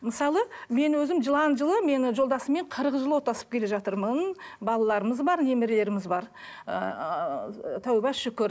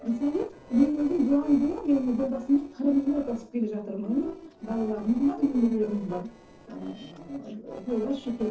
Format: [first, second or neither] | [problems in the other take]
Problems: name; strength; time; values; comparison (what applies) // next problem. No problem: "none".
first | noise reduction (neural separator model SepFormer DNS4)